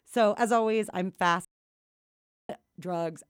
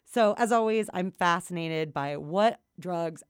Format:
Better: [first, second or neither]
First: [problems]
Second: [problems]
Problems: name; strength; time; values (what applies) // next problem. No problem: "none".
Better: second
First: audio cutting out; at 1.5 s for 1 s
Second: none